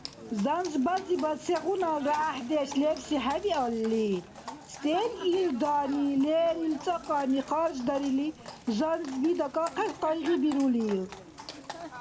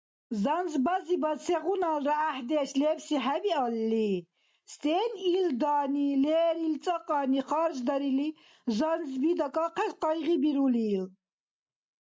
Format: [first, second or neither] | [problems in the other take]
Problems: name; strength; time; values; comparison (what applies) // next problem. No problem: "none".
second | background sound (Livestock, farm animals, working animals); 15 dB below the speech